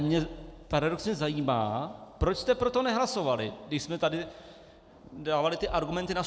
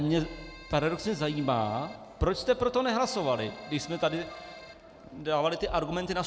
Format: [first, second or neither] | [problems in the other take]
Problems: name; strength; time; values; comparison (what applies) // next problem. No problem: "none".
first | background sound (Keyboard (musical) + Crowd); 19 dB below the speech